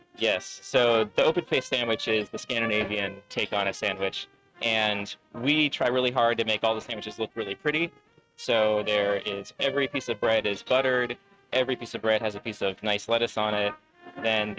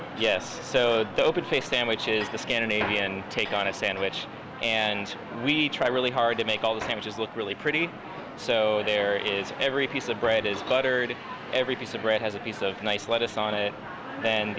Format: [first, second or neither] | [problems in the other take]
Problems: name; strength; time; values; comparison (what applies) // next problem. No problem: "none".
second | noise reduction (neural mask model RNNoise)